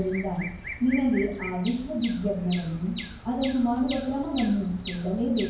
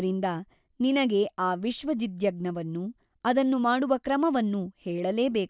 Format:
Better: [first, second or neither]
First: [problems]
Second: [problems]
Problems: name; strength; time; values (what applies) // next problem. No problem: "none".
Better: second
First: background sound (Bird vocalization, bird call, bird song); 12 dB below the speech // room echo; dies away in 0.9 s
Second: none